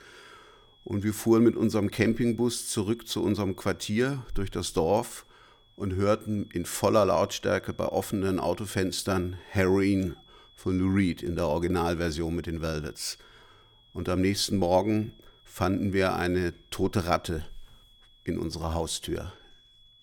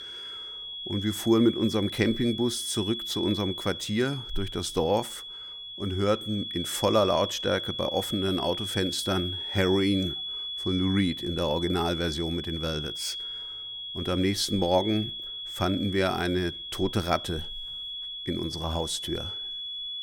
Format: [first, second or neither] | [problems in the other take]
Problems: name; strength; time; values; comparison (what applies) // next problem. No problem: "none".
first | high-pitched whine; loud; throughout; 3.5 kHz, 6 dB below the speech; faint in the first